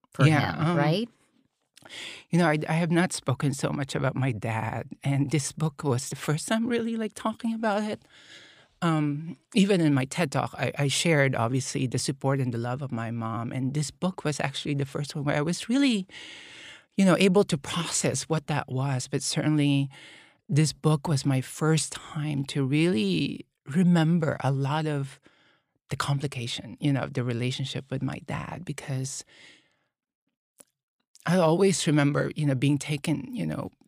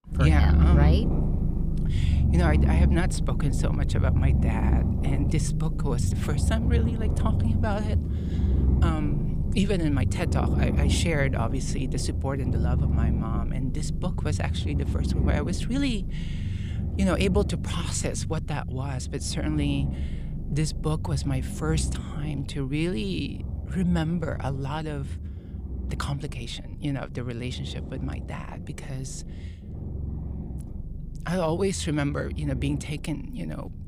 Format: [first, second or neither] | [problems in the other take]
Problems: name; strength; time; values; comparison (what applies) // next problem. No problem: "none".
first | animal sounds; very loud; throughout; 3 dB above the speech